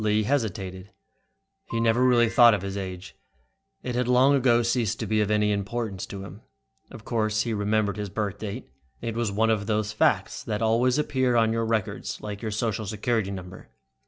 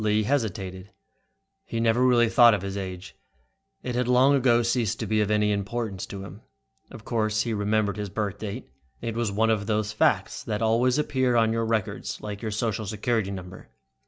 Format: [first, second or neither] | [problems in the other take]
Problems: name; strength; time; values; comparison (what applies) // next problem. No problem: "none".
second | background sound (Ringtone / Chime); 16 dB below the speech